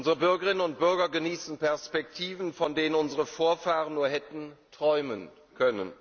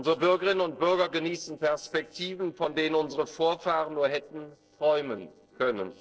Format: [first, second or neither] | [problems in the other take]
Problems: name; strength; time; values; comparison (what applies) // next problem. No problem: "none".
first | noise reduction (neural separator model SepFormer DNS4)